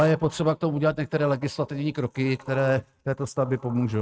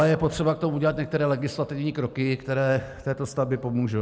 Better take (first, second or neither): second